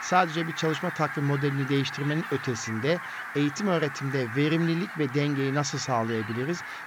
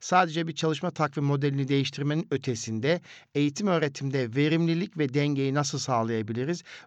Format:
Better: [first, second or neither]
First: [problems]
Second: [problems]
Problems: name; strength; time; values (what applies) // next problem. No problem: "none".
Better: second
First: animal sounds; loud; throughout; 8 dB below the speech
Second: none